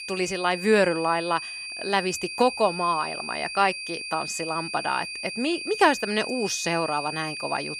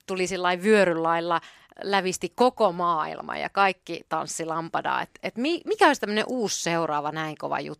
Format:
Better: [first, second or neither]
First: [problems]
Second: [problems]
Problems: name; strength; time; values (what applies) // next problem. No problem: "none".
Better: second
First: high-pitched whine; loud; throughout; 2.5 kHz, 7 dB below the speech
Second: none